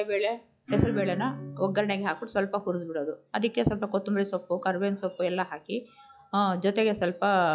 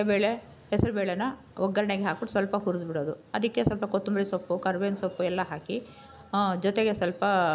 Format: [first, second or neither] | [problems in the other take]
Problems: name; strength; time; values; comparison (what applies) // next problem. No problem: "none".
second | noise reduction (classical method log-MMSE)